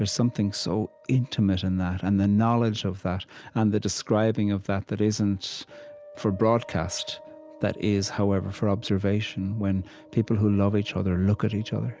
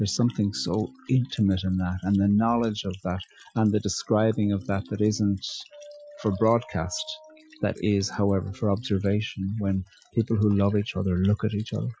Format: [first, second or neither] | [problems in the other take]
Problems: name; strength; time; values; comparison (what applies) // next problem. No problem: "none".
first | noise reduction (classical method Wiener filter)